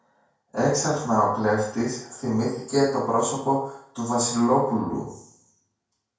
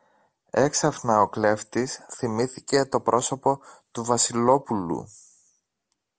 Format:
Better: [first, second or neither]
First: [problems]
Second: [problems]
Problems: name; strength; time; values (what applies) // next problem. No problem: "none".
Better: second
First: room echo; dies away in 0.5 s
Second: none